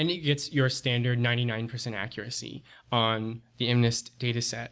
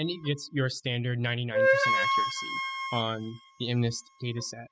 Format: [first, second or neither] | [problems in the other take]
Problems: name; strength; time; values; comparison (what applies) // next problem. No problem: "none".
first | noise reduction (classical method spectral subtraction)